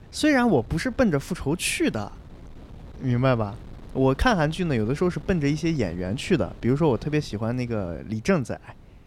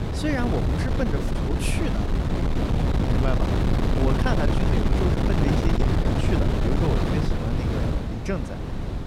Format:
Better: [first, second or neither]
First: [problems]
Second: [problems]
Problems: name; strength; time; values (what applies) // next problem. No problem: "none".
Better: first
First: wind noise on the microphone; occasional gusts; 25 dB below the speech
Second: wind noise on the microphone; heavy; 2 dB above the speech